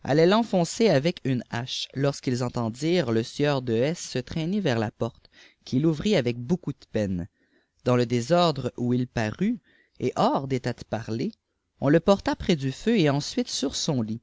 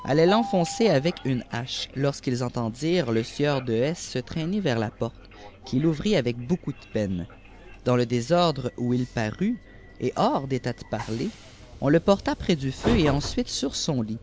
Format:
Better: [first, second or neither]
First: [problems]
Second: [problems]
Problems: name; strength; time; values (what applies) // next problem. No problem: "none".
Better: first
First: none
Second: background sound (Train); 13 dB below the speech